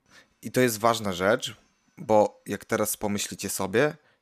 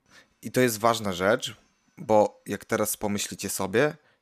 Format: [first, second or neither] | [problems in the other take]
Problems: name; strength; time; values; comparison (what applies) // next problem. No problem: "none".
neither | none